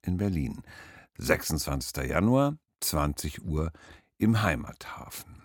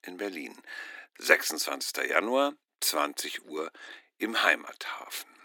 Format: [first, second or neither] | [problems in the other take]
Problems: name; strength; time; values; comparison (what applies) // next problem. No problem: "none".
first | thin; very; fading below 300 Hz